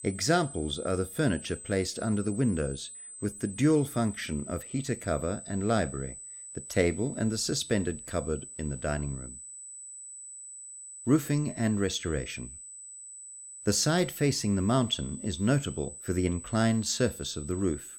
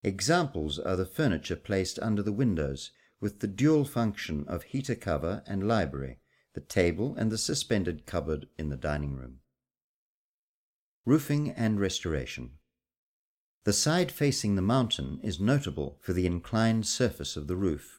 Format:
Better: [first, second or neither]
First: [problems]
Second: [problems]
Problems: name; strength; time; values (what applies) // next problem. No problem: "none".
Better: second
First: high-pitched whine; noticeable; throughout; 8 kHz, 10 dB below the speech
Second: none